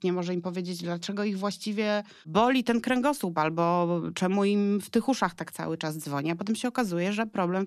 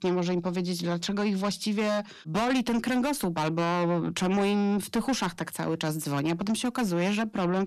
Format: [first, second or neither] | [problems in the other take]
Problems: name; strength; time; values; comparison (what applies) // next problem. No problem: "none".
first | distortion; heavy; 7 dB below the speech